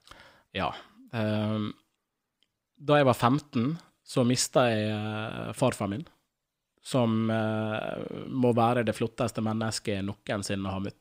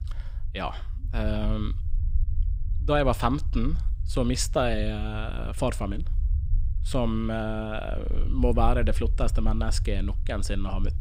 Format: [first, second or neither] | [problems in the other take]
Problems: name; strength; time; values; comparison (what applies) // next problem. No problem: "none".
first | low rumble; faint; throughout; 20 dB below the speech